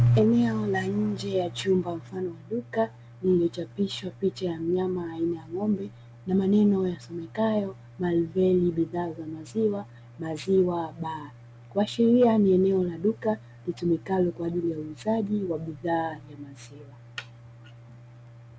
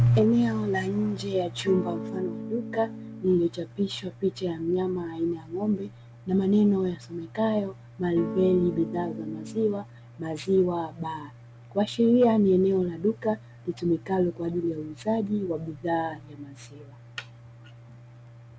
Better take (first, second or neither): first